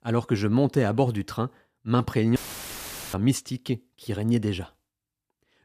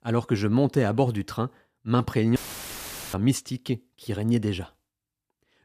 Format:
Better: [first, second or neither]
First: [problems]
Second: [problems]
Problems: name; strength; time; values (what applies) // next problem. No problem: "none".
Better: neither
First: audio cutting out; filled with static; at 2.5 s for 1 s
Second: audio cutting out; filled with static; at 2.5 s for 1 s